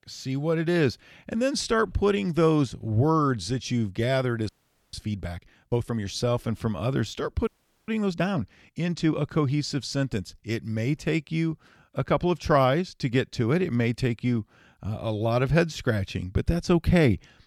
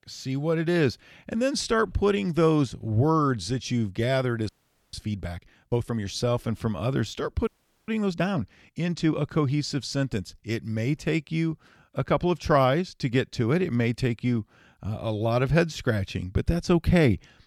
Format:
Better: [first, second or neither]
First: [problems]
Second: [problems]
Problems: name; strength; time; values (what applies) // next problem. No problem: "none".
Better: neither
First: audio freezing; at 4.5 s and at 7.5 s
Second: audio freezing; at 4.5 s and at 7.5 s